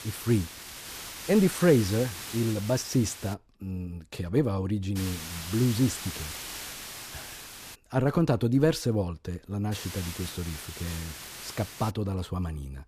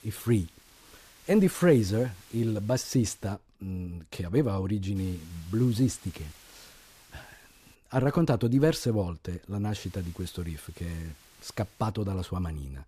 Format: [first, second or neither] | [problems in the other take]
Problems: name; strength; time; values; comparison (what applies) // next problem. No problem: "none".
second | hiss; loud; until 3.5 s, from 5 to 8 s and from 9.5 to 12 s; 10 dB below the speech; faint in the second